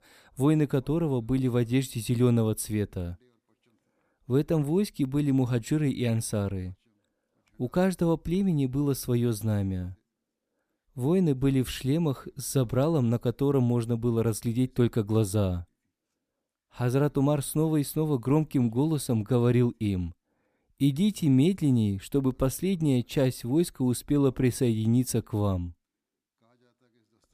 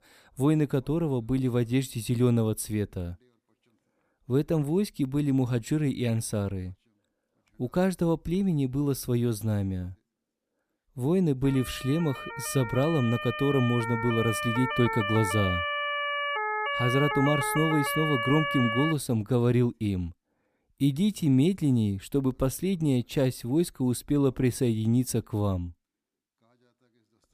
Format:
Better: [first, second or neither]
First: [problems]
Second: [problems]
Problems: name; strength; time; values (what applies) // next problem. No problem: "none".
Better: first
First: none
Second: siren; noticeable; from 11 to 19 s; peak 1 dB below the speech